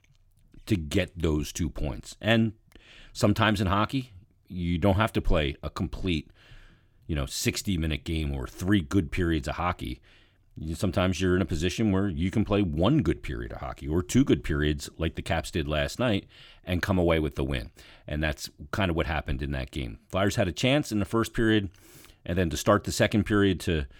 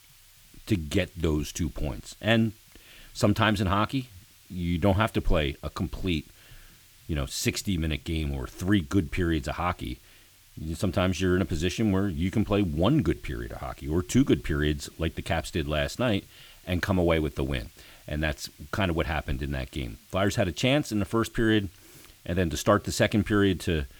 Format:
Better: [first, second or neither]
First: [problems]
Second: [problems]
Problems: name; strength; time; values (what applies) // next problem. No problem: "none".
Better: first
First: none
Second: hiss; faint; throughout; 25 dB below the speech